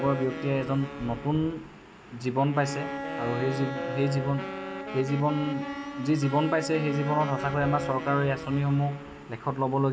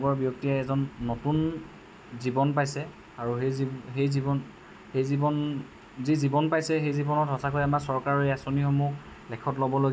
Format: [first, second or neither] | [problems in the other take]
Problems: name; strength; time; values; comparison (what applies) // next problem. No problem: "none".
second | background sound (Wind instrument, woodwind instrument + Bowed string instrument); 8 dB below the speech